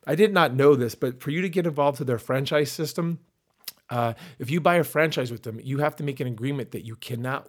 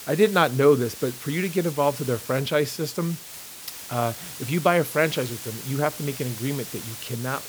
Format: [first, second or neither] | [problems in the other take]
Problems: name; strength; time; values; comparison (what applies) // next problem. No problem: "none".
first | hiss; noticeable; throughout; 10 dB below the speech